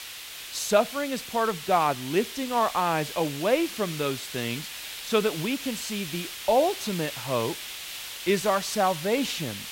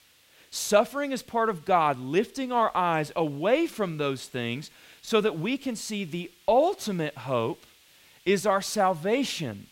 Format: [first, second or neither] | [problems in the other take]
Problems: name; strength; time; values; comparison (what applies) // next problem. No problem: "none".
second | hiss; loud; throughout; 8 dB below the speech; faint in the second